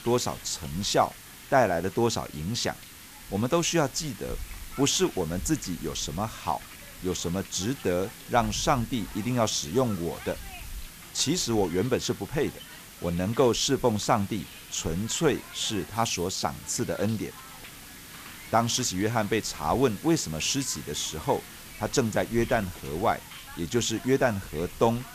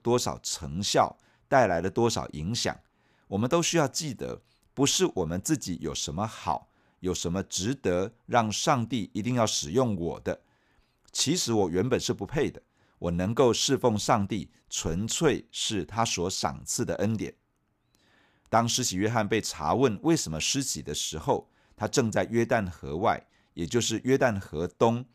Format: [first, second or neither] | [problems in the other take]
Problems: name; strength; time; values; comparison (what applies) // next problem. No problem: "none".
second | hiss; noticeable; throughout; 15 dB below the speech